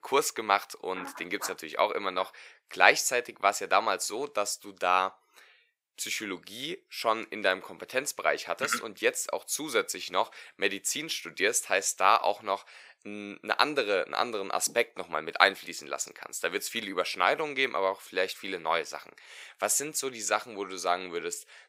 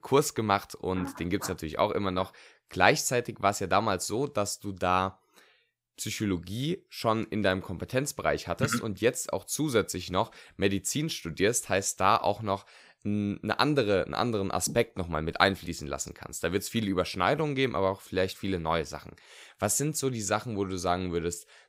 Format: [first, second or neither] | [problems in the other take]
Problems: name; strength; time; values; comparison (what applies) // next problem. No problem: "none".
second | thin; somewhat; fading below 500 Hz